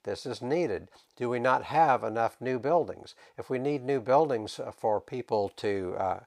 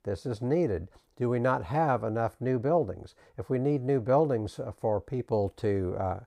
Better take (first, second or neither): second